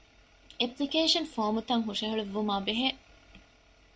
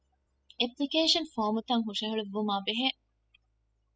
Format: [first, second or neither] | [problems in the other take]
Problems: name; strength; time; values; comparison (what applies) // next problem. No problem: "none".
first | noise reduction (classical method spectral subtraction)